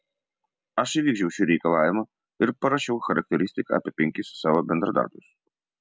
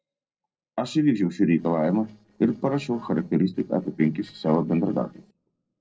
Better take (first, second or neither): first